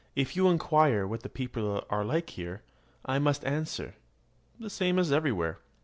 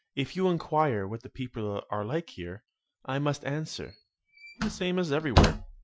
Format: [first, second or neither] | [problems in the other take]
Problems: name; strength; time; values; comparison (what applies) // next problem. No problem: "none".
first | noise reduction (classical method Wiener filter)